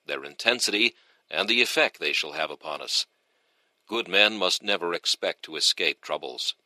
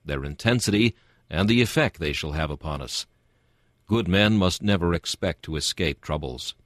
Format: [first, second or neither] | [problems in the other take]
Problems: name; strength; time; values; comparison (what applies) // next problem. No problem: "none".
second | thin; very; fading below 400 Hz